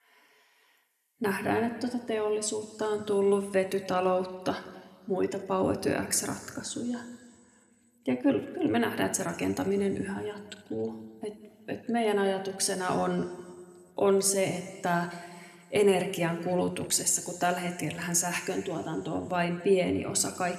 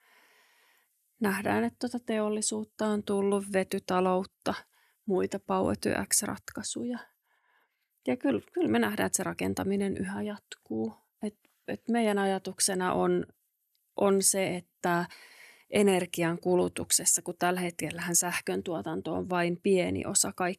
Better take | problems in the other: second | room echo; very slight; dies away in 1.7 s

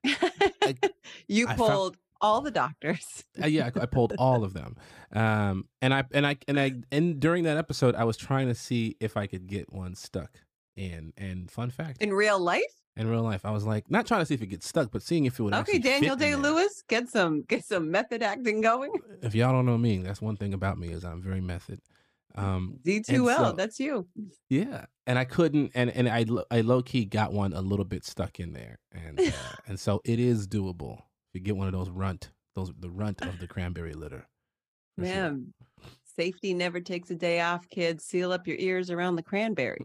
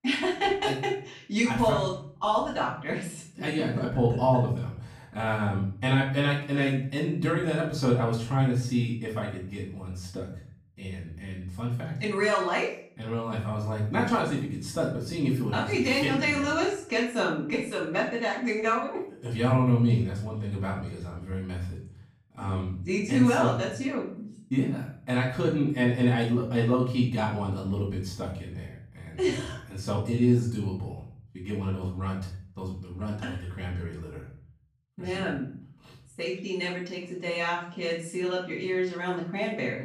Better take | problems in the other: first | off-mic speech; far // room echo; noticeable; dies away in 0.5 s

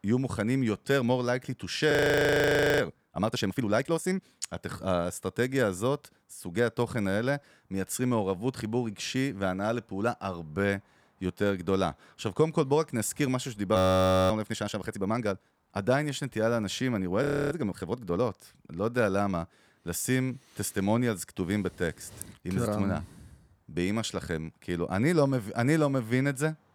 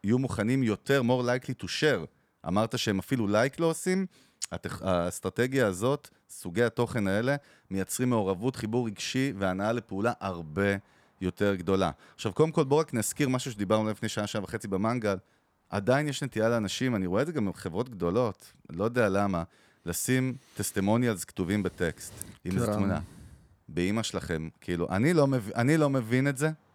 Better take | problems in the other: second | audio freezing; at 2 s for 1 s, at 14 s for 0.5 s and at 17 s

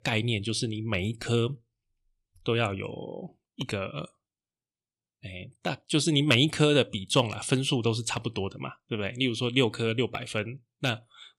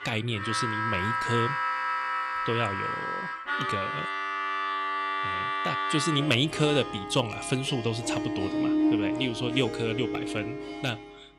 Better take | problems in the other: first | background music; loud; throughout; as loud as the speech

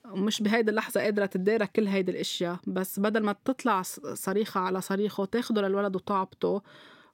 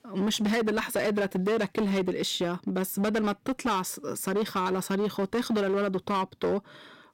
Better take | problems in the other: first | distortion; slight; 15% of the sound clipped

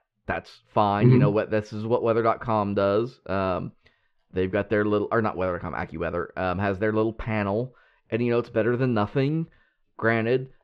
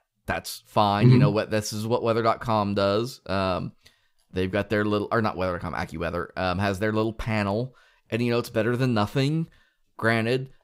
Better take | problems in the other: second | muffled; slightly; fading above 2 kHz

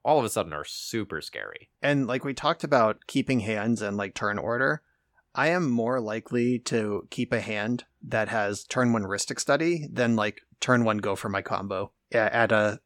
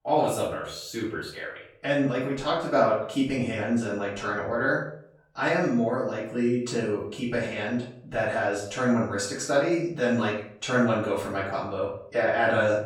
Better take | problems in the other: first | off-mic speech; far // room echo; noticeable; dies away in 0.5 s

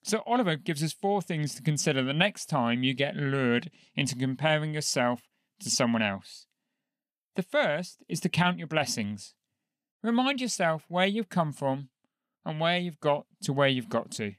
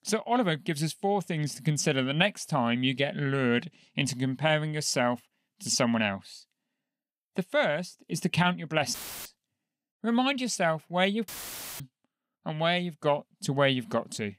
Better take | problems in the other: first | audio cutting out; filled with static; at 9 s and at 11 s for 0.5 s

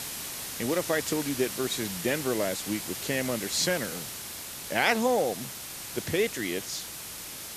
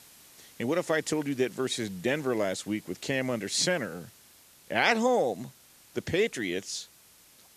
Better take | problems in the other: second | hiss; loud; throughout; 6 dB below the speech; faint in the second

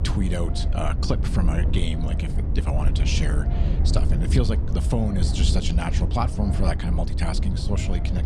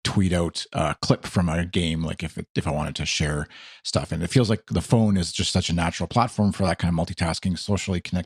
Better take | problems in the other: second | low rumble; loud; throughout; 6 dB below the speech

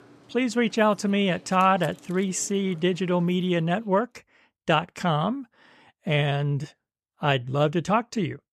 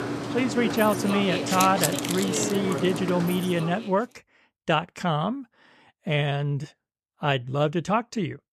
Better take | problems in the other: first | machinery noise; loud; until 3.5 s; 3 dB below the speech; faint in the first

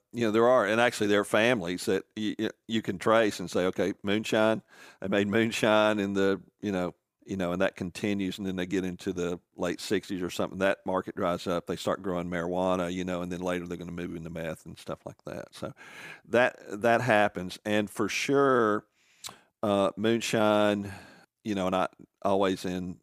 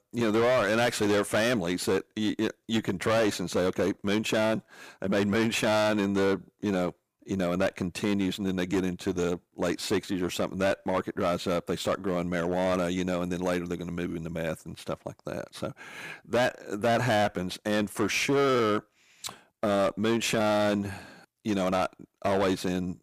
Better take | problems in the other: first | distortion; heavy; 11% of the sound clipped

